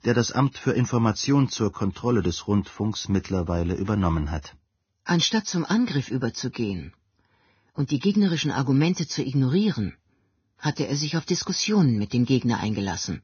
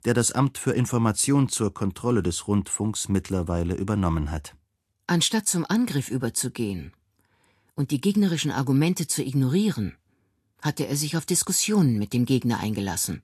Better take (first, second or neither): second